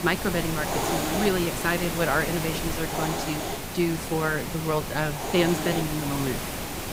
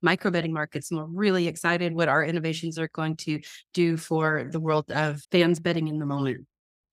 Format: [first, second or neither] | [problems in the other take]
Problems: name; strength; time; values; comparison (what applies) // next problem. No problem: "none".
second | hiss; loud; throughout; 2 dB below the speech